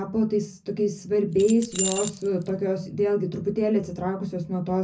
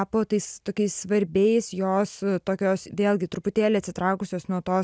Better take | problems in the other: second | background sound (Keys jangling); 7 dB below the speech // room echo; dies away in 0.4 s

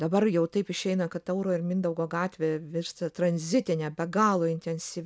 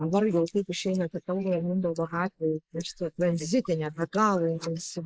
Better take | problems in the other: first | noise reduction (neural mask model Resemble Enhance denoiser)

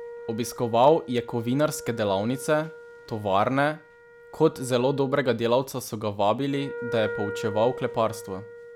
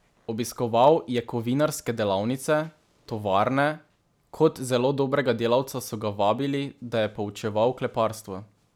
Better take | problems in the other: second | background sound (Wind instrument, woodwind instrument); 14 dB below the speech

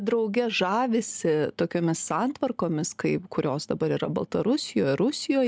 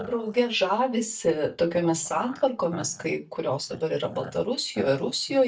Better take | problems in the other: first | noise reduction (neural mask model DeepFilterNet 3)

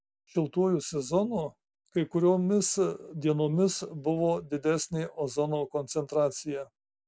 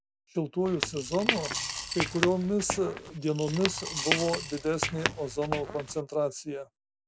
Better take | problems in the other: first | background sound (Squeak / Walk, footsteps + Coin (dropping) / Glass); 3 dB below the speech

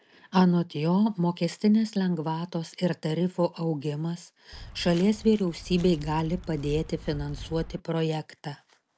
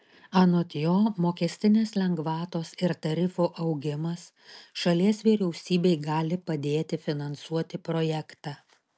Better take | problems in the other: second | background sound (Walk, footsteps); 14 dB below the speech

